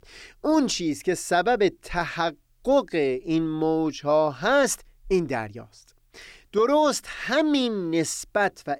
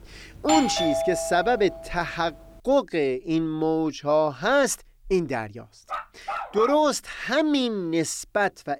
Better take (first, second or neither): first